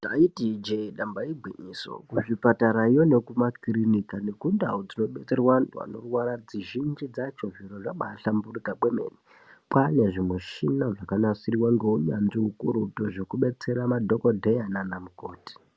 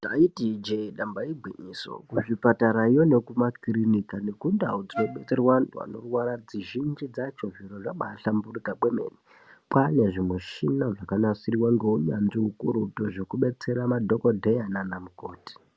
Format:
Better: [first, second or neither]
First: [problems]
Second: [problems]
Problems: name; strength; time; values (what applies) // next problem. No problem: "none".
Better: first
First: none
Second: background sound (Wind instrument, woodwind instrument); 10 dB below the speech